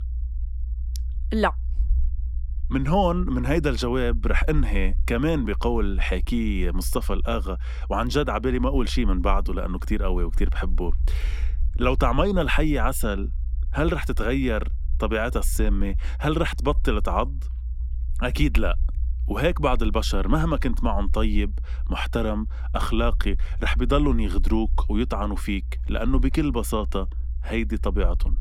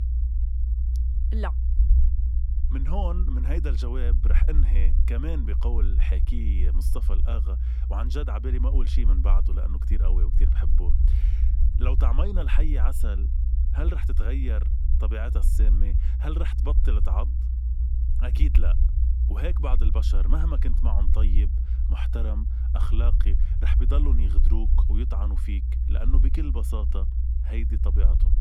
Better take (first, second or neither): first